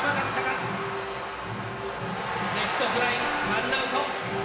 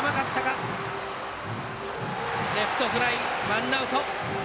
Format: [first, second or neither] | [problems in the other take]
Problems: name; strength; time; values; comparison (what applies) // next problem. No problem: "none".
second | background sound (Wind instrument, woodwind instrument); 10 dB below the speech // room echo; dies away in 0.9 s